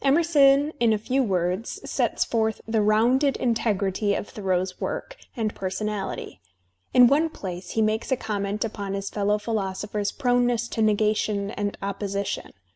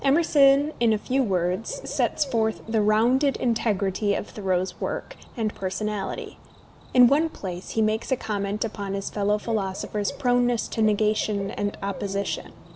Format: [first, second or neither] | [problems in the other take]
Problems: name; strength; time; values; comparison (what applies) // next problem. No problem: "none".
first | background sound (Cricket / Bird); 18 dB below the speech